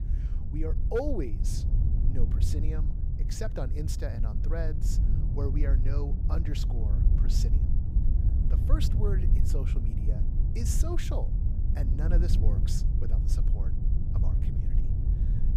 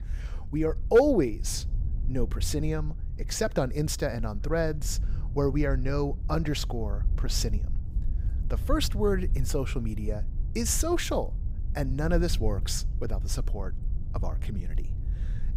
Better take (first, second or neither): second